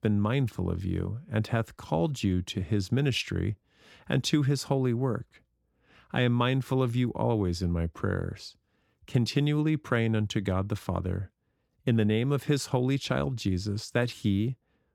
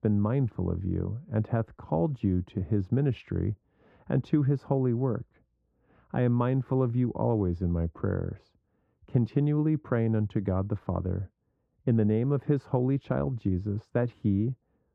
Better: first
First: none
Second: muffled; very; fading above 2.5 kHz

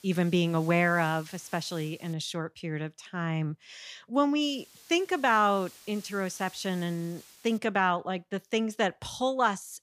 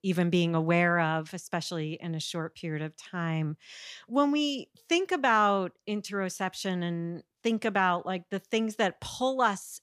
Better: second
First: hiss; faint; until 2 s and from 4.5 to 7.5 s; 20 dB below the speech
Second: none

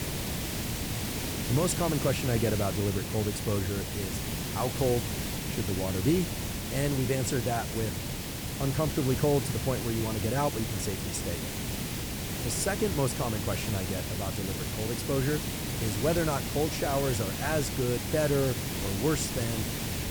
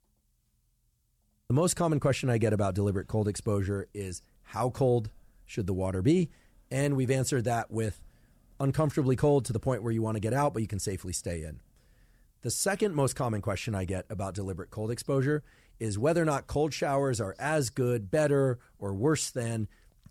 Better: second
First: hiss; loud; throughout; 2 dB below the speech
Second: none

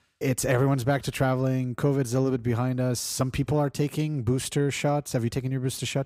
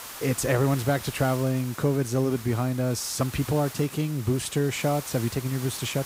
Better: first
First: none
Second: hiss; noticeable; throughout; 15 dB below the speech

